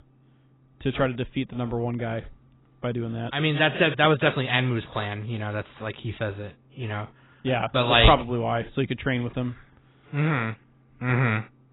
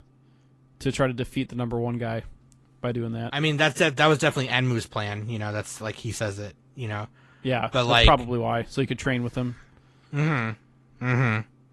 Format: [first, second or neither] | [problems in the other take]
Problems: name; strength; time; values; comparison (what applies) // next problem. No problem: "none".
second | garbled, watery; badly; nothing above 4 kHz; slightly in the second